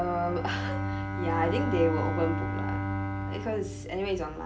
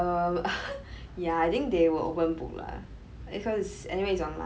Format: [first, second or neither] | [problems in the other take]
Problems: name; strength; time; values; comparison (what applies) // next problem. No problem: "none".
second | background sound (Bowed string instrument); 1 dB below the speech